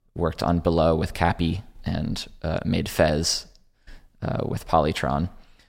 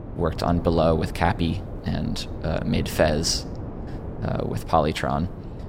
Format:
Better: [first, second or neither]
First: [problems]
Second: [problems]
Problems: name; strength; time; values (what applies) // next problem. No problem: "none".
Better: first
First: none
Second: wind noise on the microphone; occasional gusts; 15 dB below the speech